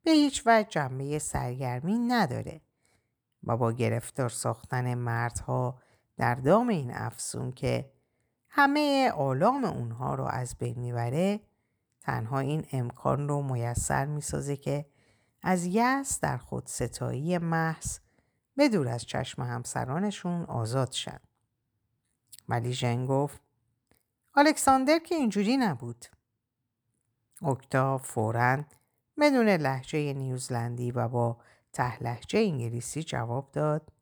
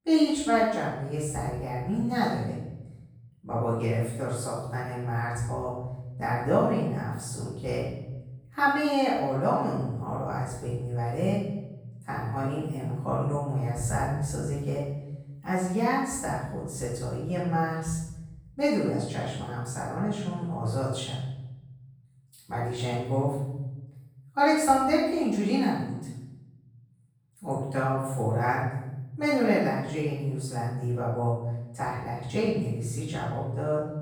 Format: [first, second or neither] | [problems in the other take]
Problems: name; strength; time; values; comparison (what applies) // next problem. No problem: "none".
first | off-mic speech; far // room echo; strong; dies away in 1.1 s